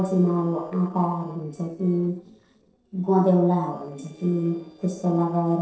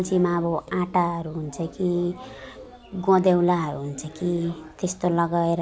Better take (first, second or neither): second